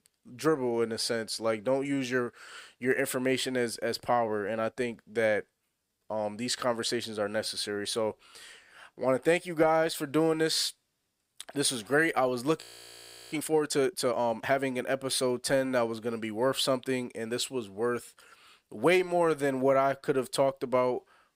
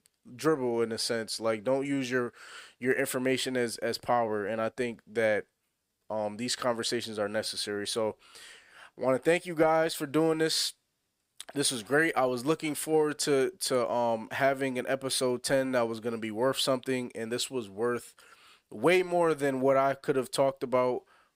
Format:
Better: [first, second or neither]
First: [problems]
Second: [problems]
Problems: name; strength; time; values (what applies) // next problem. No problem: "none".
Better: second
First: audio freezing; at 13 s for 0.5 s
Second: none